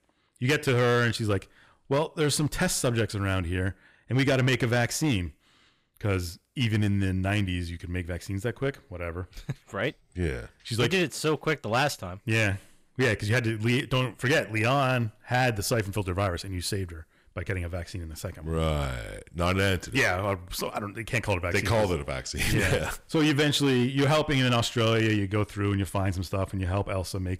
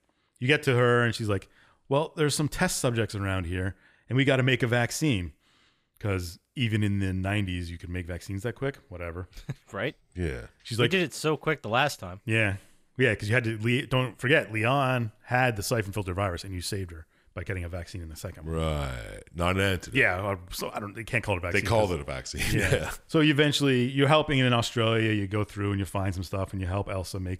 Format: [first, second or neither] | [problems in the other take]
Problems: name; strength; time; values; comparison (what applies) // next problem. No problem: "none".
second | distortion; slight; 5% of the sound clipped